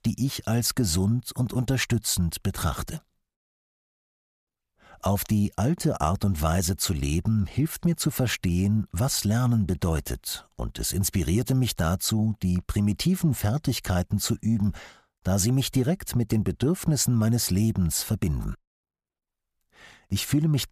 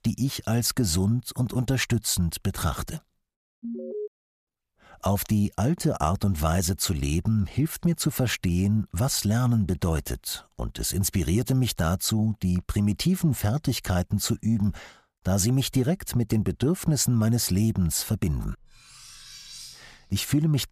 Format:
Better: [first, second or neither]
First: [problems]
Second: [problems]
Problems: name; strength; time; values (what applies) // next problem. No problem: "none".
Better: first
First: none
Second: alarm; noticeable; at 3.5 s; peak 8 dB below the speech // clattering dishes; faint; from 19 to 20 s; peak 15 dB below the speech